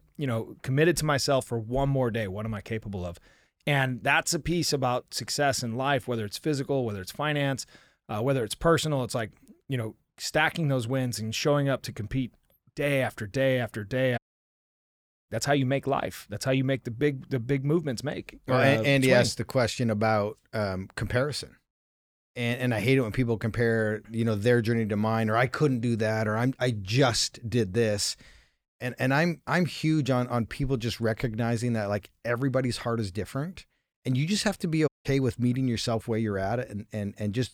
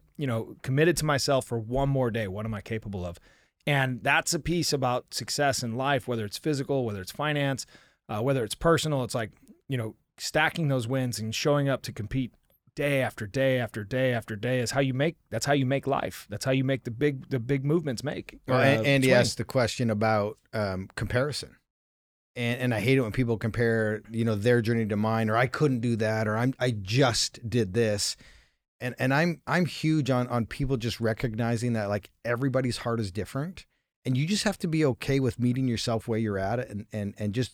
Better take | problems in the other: second | audio cutting out; at 14 s for 1 s and at 35 s

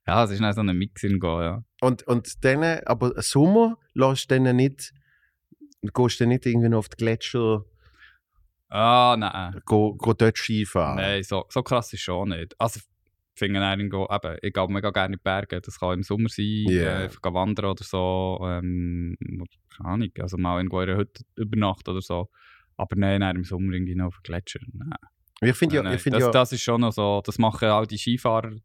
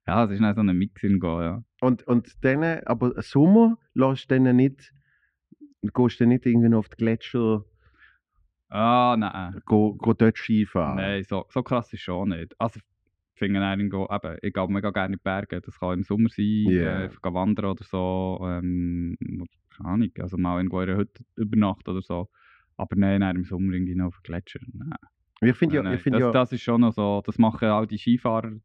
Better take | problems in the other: first | muffled; slightly; fading above 2.5 kHz

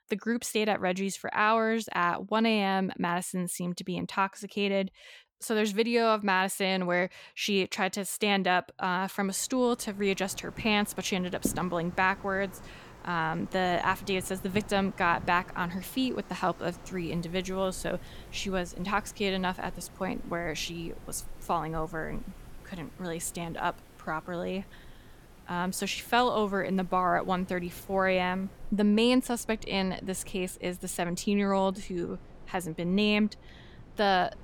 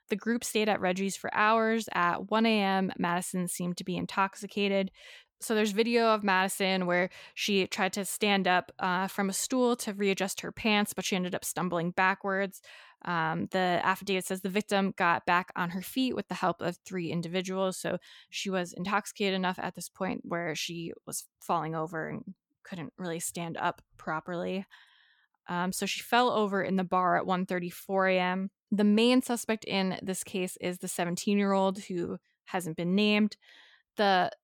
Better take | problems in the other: second | wind in the background; noticeable; from 10 s on; 20 dB below the speech

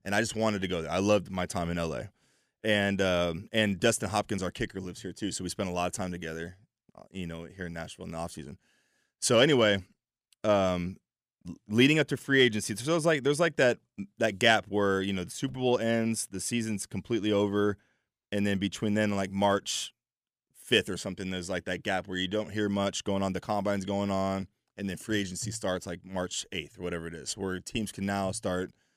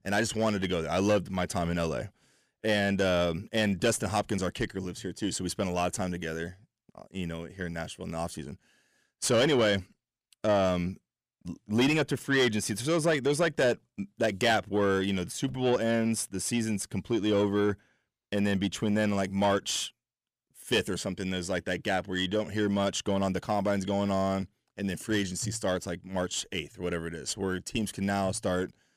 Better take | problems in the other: first | distortion; slight; 10 dB below the speech

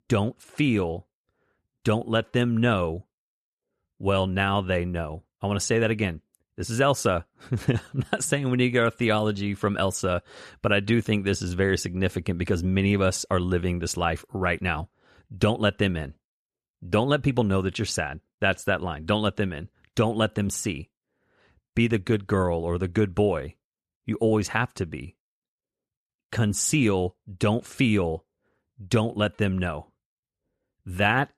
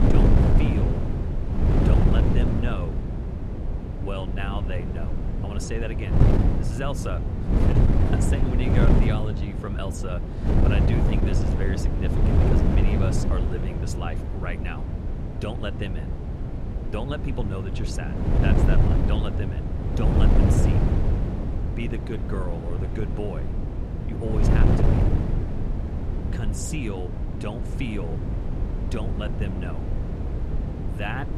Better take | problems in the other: first | wind noise on the microphone; heavy; 2 dB above the speech

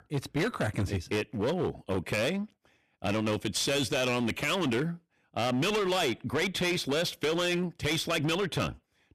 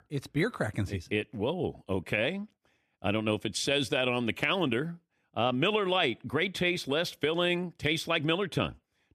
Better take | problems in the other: second | distortion; heavy; 17% of the sound clipped

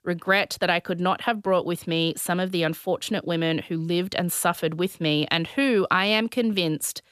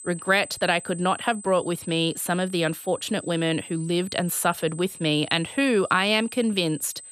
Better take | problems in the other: first | high-pitched whine; noticeable; throughout; 8 kHz, 15 dB below the speech

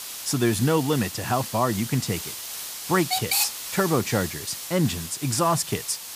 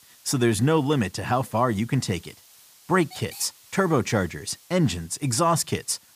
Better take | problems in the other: second | hiss; loud; throughout; 5 dB below the speech; faint in the second

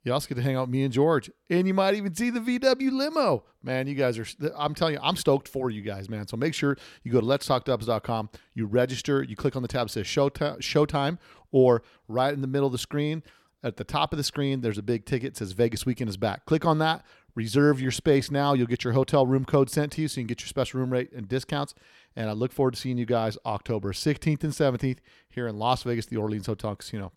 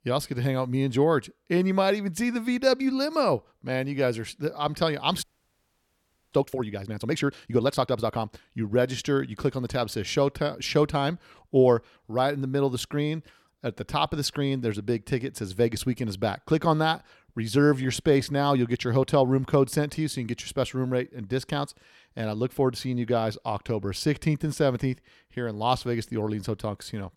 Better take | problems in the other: first | audio freezing; at 5 s for 1 s

